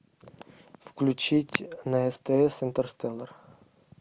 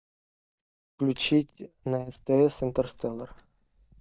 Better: first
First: none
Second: noise reduction (neural mask model DeepFilterNet 3)

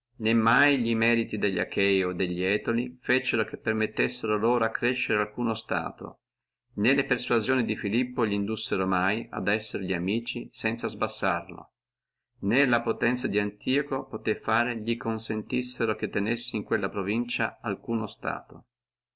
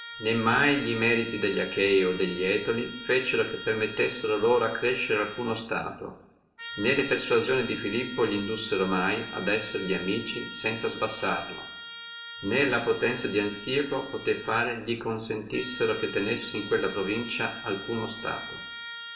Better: first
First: none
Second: background sound (Trumpet); 13 dB below the speech // room echo; dies away in 0.7 s

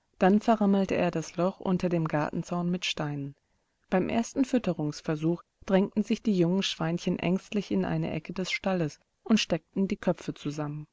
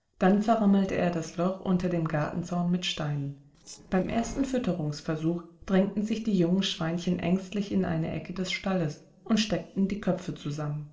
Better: first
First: none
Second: noise reduction (neural separator model SepFormer DNS4)

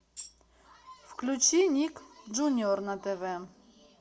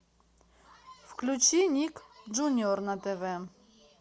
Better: second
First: background sound (Tambourine); 19 dB below the speech // room echo; dies away in 0.3 s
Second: none

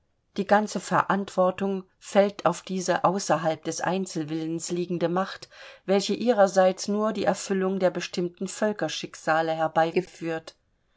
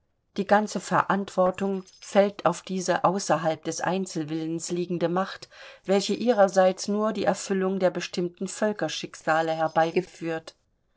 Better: first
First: none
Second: noise reduction (neural separator model SepFormer DNS4)

